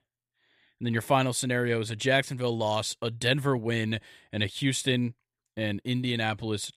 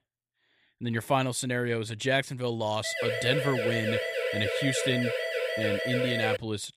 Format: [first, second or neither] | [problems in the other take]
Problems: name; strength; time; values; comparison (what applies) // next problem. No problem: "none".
first | siren; loud; from 3 s on; peak 1 dB above the speech